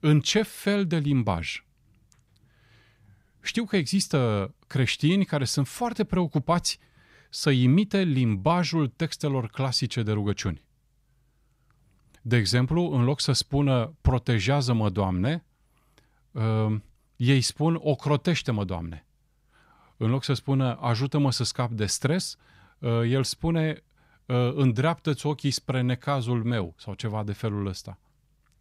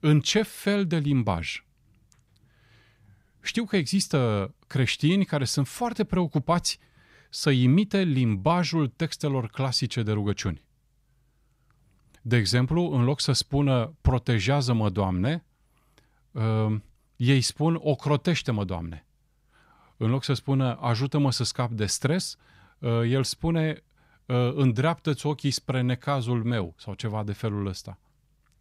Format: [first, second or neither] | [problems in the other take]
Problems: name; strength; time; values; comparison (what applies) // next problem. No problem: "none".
neither | none